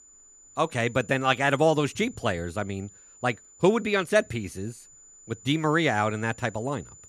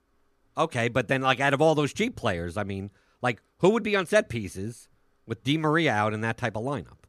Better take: second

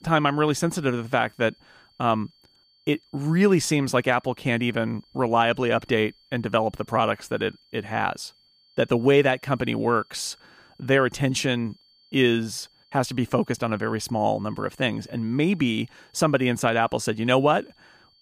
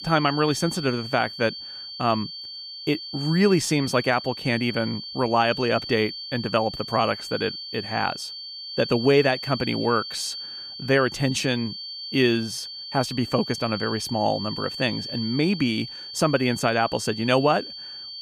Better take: first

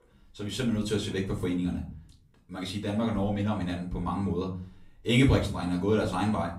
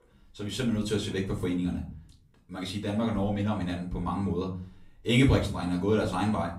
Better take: neither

